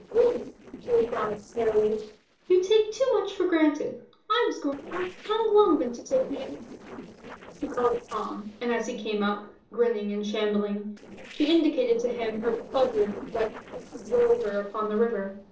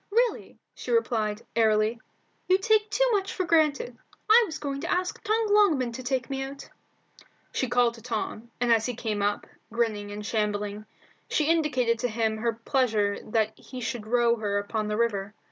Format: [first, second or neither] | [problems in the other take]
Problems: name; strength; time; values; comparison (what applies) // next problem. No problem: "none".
second | noise reduction (neural separator model SepFormer DNS4)